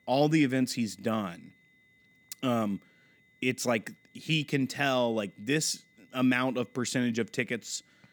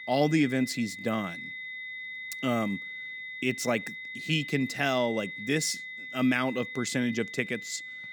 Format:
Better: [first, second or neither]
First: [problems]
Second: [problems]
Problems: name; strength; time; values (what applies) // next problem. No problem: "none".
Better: first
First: high-pitched whine; faint; throughout; 2 kHz, 35 dB below the speech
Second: high-pitched whine; loud; throughout; 2 kHz, 8 dB below the speech